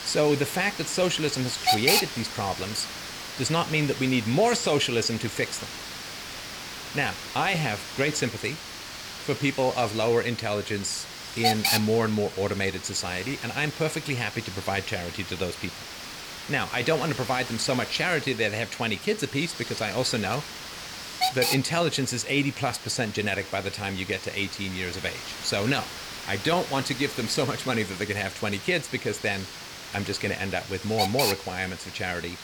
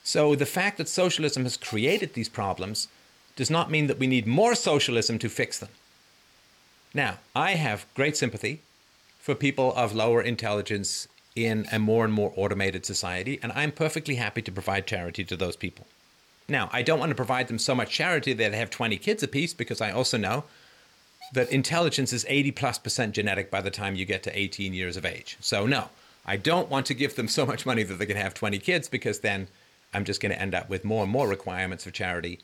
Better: second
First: hiss; loud; throughout; 6 dB below the speech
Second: hiss; faint; throughout; 30 dB below the speech

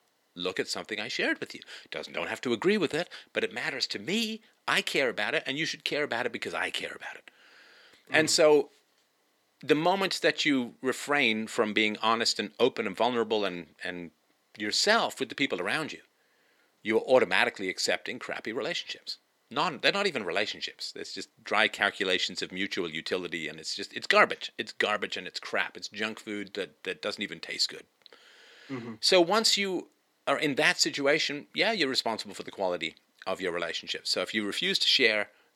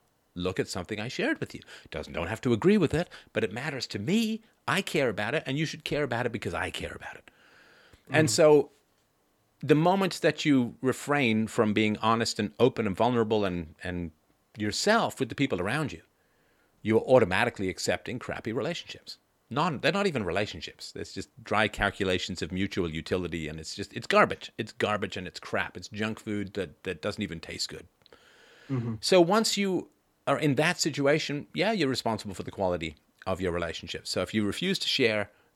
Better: second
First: thin; very slightly; fading below 250 Hz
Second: none

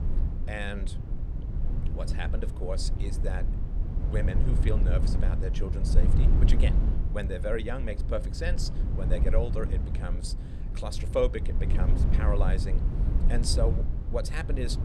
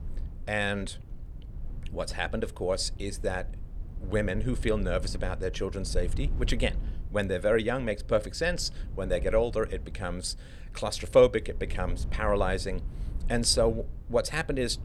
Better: second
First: low rumble; loud; throughout; 7 dB below the speech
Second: low rumble; faint; throughout; 25 dB below the speech

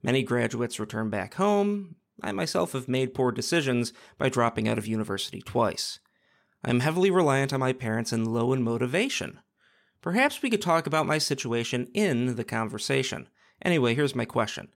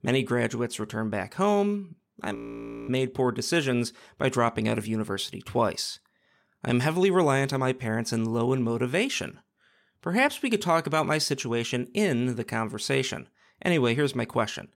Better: first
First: none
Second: audio freezing; at 2.5 s for 0.5 s

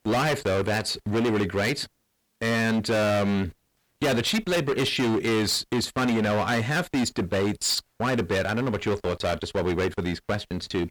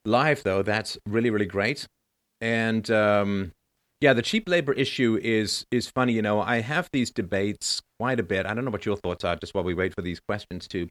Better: second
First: distortion; heavy; 22% of the sound clipped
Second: none

